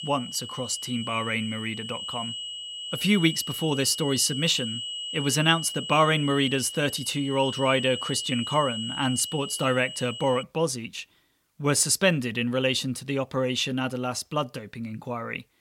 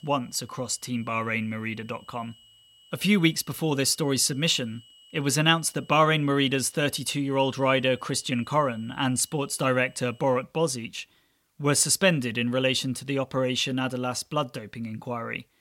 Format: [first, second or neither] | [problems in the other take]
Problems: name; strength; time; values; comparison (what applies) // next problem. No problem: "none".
second | high-pitched whine; loud; until 10 s; 3 kHz, 7 dB below the speech; faint in the second